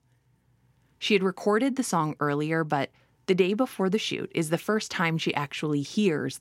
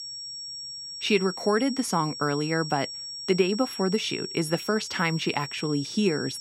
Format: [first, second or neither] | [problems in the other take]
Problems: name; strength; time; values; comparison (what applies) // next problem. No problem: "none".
first | high-pitched whine; loud; throughout; 5.5 kHz, 8 dB below the speech